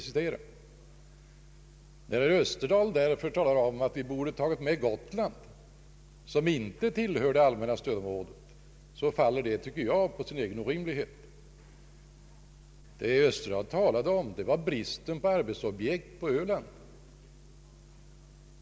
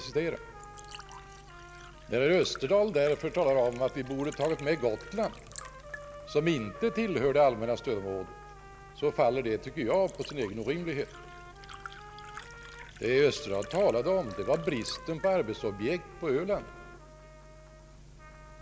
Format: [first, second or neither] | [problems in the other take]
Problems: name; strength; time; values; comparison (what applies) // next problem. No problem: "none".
first | background sound (Liquid + Trumpet); 17 dB below the speech